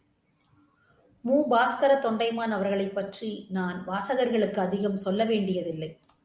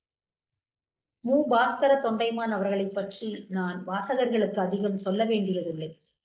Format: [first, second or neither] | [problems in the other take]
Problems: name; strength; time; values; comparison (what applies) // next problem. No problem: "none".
first | noise reduction (neural mask model Resemble Enhance denoiser)